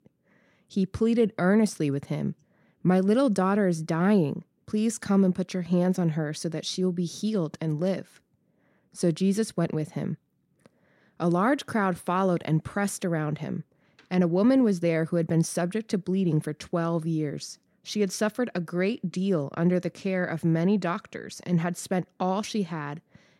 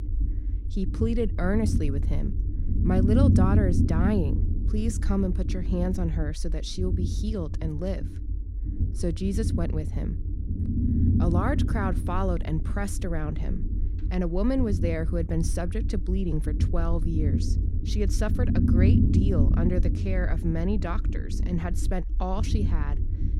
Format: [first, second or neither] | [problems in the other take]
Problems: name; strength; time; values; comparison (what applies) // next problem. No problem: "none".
first | low rumble; loud; throughout; 5 dB below the speech